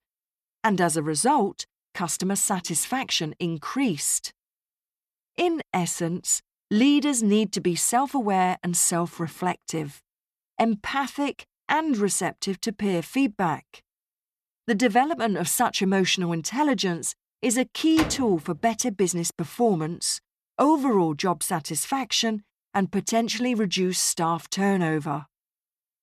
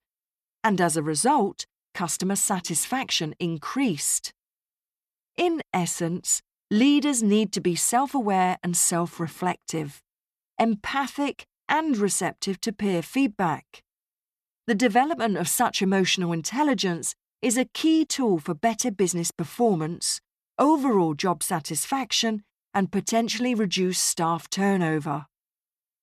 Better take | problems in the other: second | door banging; noticeable; at 18 s; peak 6 dB below the speech

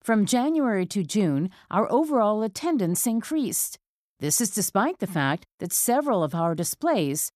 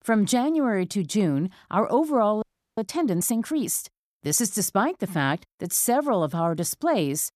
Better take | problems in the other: first | audio freezing; at 2.5 s

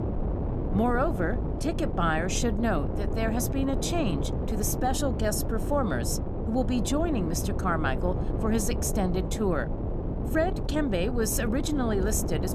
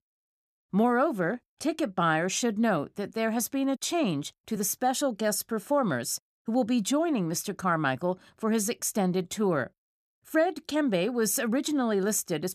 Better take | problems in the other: second | wind noise on the microphone; heavy; 7 dB below the speech

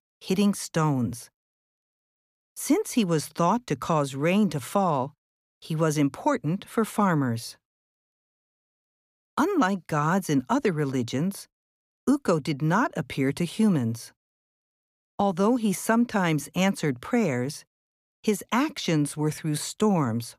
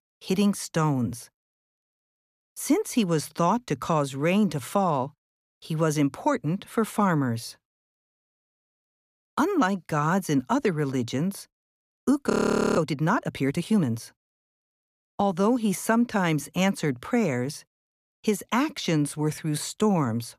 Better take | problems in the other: first | audio freezing; at 12 s

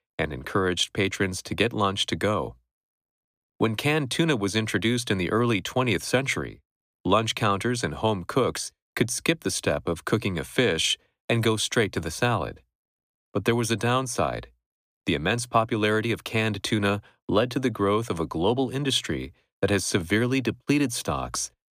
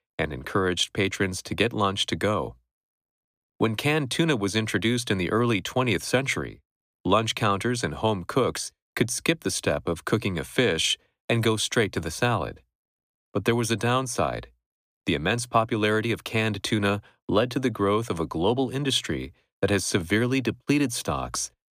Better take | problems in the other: neither | none

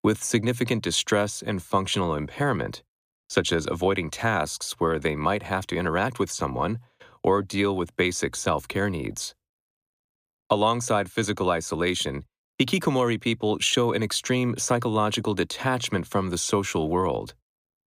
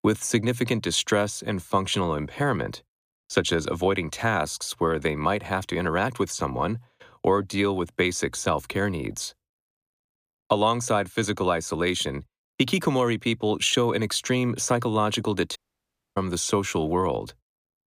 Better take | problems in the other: first | audio cutting out; at 16 s for 0.5 s

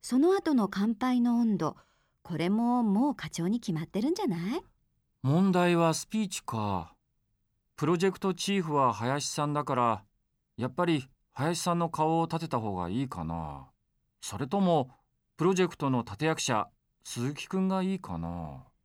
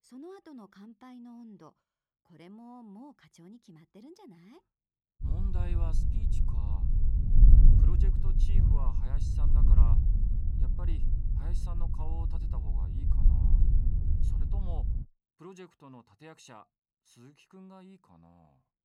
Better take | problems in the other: first | wind noise on the microphone; heavy; from 5 to 15 s; 4 dB above the speech

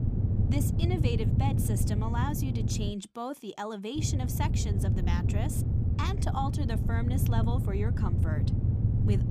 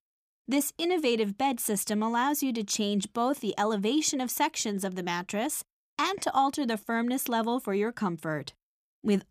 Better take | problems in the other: second | low rumble; loud; until 3 s and from 4 s on; 4 dB below the speech

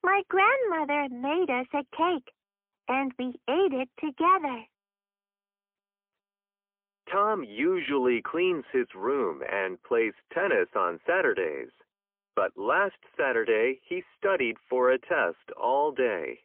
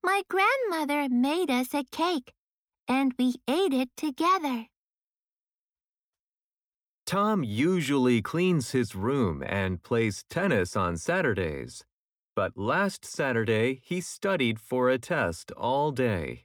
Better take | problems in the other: second | phone-call audio; poor line; nothing above 3 kHz

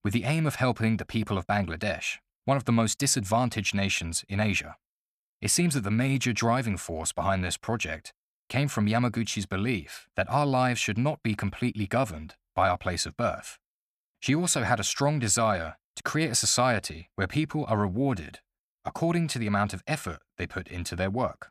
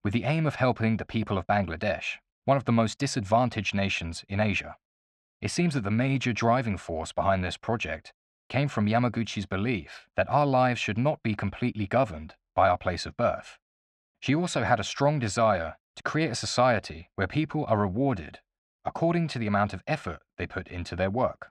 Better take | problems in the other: first | muffled; slightly; fading above 4 kHz

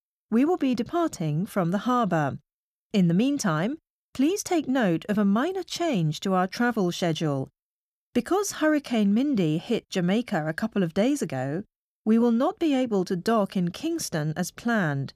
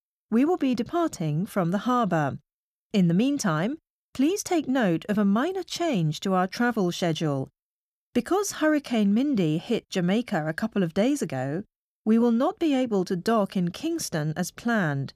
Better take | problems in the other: neither | none

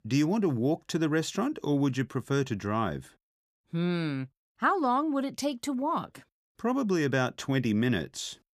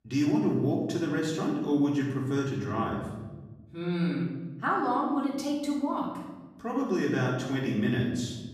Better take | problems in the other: first | off-mic speech; far // room echo; noticeable; dies away in 1.3 s

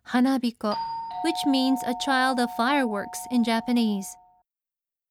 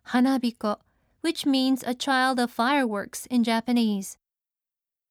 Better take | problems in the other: second | doorbell; noticeable; from 0.5 to 4 s; peak 6 dB below the speech

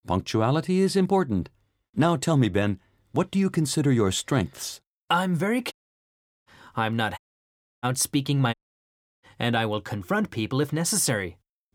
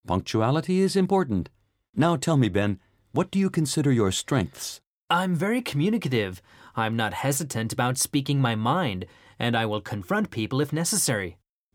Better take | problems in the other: second | audio cutting out; at 5.5 s for 0.5 s, at 7 s for 0.5 s and at 8.5 s for 0.5 s

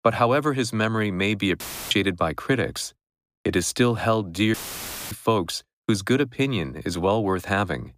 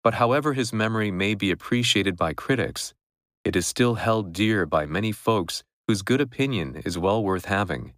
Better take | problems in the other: second | audio cutting out; filled with static; at 1.5 s and at 4.5 s for 0.5 s

